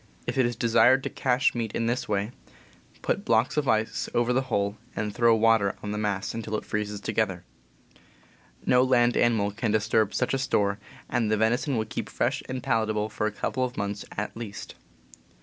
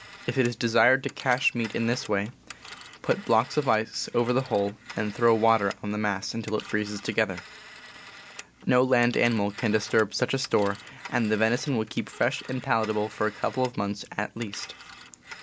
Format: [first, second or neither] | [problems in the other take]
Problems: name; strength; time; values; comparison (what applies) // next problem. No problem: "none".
first | background sound (Telephone); 19 dB below the speech